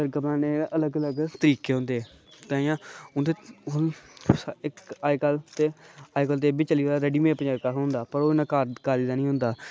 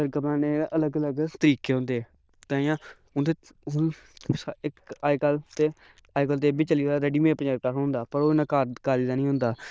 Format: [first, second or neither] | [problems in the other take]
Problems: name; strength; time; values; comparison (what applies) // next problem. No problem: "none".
first | noise reduction (neural diffusion model UNIVERSE++)